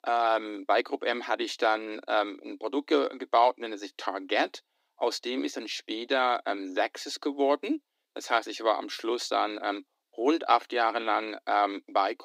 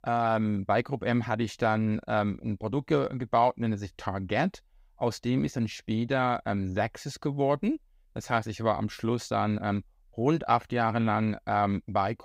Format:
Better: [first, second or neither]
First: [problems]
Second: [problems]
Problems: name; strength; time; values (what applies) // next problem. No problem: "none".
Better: second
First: thin; somewhat; fading below 300 Hz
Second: none